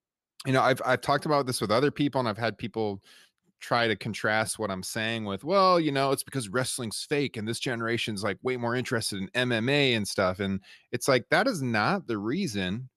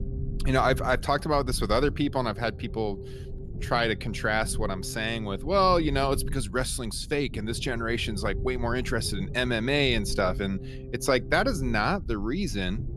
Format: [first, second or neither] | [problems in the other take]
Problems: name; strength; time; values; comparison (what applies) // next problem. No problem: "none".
first | low rumble; noticeable; throughout; 20 dB below the speech